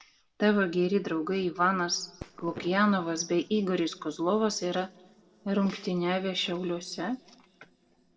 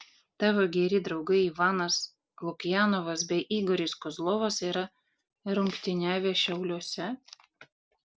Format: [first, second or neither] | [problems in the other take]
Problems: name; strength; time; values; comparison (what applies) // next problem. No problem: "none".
second | noise reduction (neural separator model SepFormer DNS4)